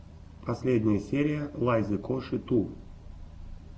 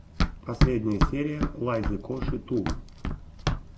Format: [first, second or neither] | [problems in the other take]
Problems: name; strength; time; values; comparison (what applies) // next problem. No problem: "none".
first | background sound (Run); 3 dB above the speech